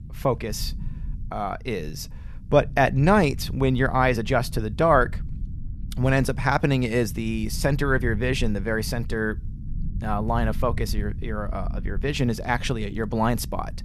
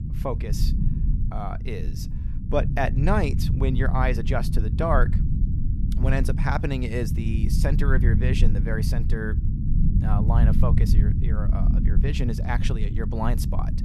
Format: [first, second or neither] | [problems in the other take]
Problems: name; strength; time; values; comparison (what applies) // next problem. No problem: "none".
first | low rumble; loud; throughout; 8 dB below the speech; faint in the first